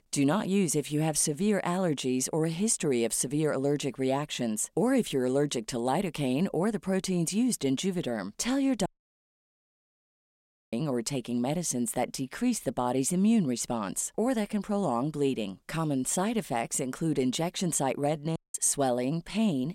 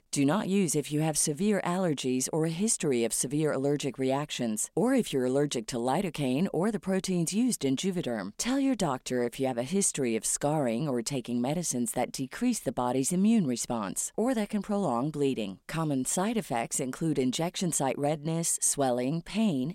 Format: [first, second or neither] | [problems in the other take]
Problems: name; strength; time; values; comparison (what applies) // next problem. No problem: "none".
second | audio cutting out; at 9 s for 2 s and at 18 s